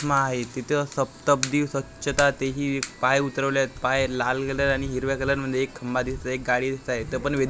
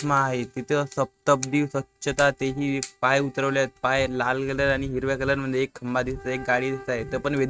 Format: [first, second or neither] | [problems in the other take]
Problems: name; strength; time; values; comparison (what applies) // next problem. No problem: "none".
first | noise reduction (neural mask model RNNoise)